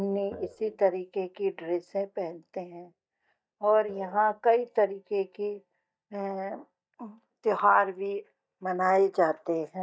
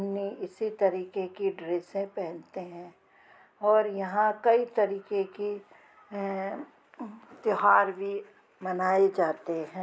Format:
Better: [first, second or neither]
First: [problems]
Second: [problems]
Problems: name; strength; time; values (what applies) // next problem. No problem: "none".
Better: second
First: noise reduction (neural mask model DeepFilterNet 3)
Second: none